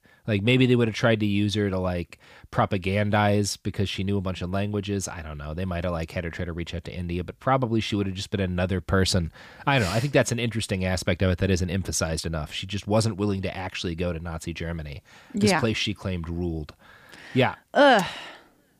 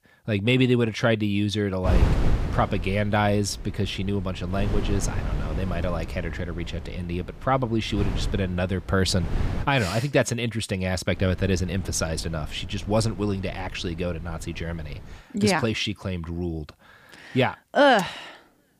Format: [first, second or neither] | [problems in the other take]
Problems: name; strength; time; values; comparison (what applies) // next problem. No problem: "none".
first | wind noise on the microphone; occasional gusts; from 2 to 9.5 s and from 11 to 15 s; 15 dB below the speech